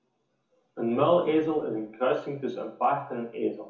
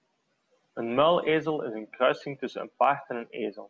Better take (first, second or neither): second